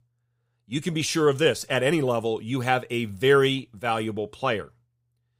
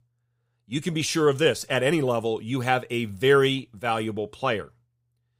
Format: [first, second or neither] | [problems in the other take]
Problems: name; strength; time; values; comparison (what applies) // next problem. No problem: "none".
neither | none